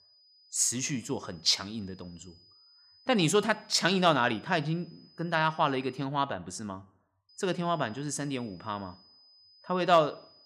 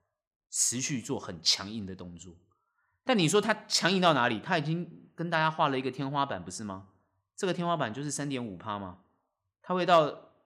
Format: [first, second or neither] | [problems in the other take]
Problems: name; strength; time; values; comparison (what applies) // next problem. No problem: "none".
second | high-pitched whine; faint; until 6 s and from 7.5 s on; 5 kHz, 30 dB below the speech